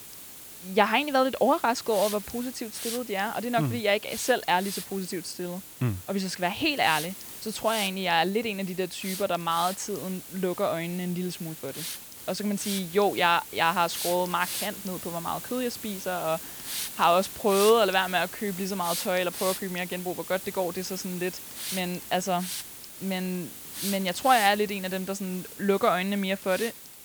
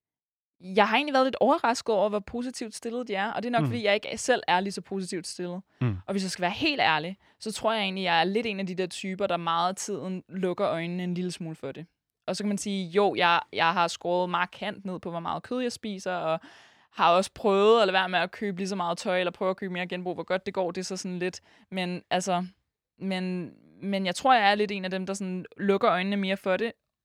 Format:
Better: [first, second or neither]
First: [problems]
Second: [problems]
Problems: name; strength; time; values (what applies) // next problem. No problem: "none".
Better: second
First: hiss; loud; throughout; 9 dB below the speech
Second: none